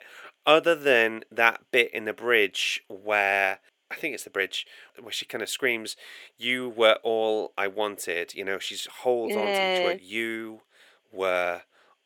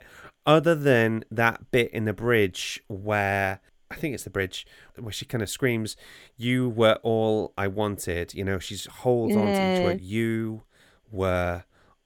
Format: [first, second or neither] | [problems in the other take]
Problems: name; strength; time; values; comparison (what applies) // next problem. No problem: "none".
second | thin; somewhat; fading below 450 Hz